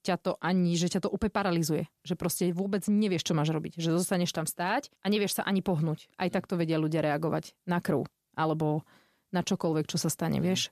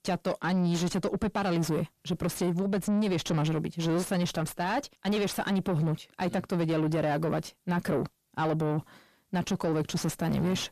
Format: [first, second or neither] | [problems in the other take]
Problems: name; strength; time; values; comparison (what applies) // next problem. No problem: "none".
first | distortion; slight; 10 dB below the speech